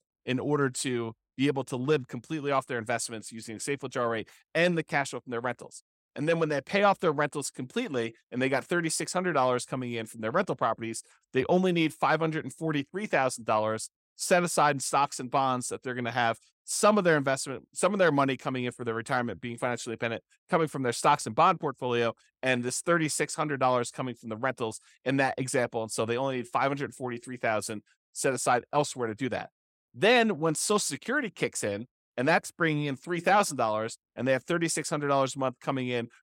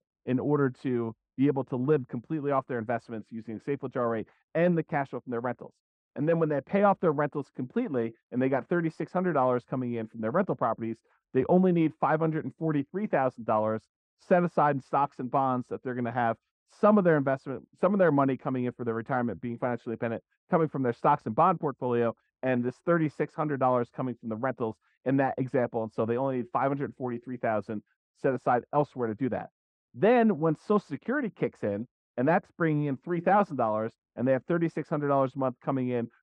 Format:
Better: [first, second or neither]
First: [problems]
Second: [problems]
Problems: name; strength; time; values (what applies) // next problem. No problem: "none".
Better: first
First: none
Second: muffled; very; fading above 1 kHz